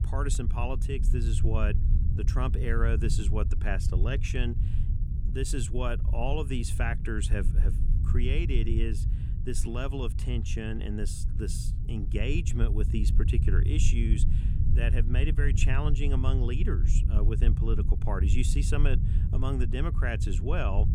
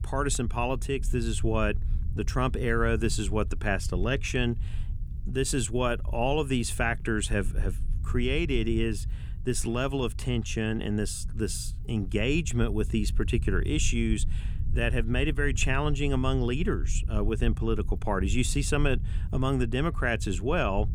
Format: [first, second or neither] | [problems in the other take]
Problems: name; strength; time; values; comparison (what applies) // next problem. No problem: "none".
second | low rumble; loud; throughout; 8 dB below the speech; faint in the second